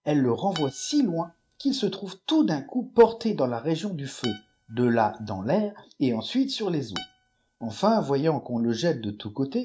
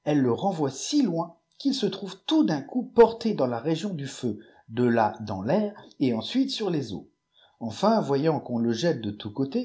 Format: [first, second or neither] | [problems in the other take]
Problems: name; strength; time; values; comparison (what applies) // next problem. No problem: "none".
second | noise reduction (neural mask model RNNoise)